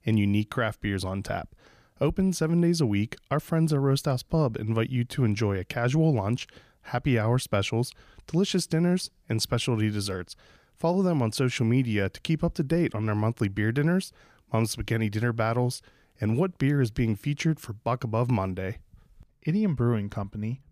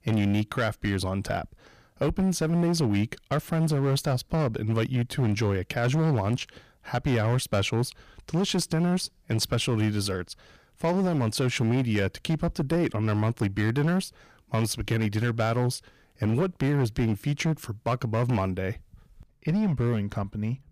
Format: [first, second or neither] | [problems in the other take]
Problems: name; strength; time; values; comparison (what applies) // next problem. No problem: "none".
first | distortion; slight; 13% of the sound clipped